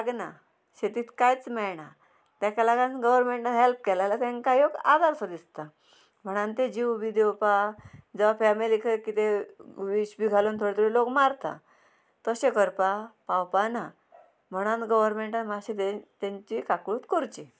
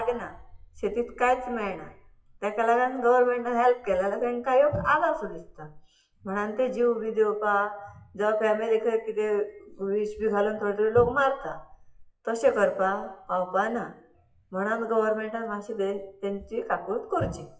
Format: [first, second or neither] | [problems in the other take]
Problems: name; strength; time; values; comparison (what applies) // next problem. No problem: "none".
first | noise reduction (classical method WPE with log-MMSE)